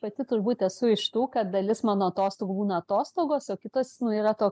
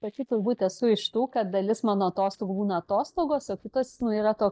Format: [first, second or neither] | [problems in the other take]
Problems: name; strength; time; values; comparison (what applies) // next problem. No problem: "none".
first | noise reduction (neural mask model DeepFilterNet 3)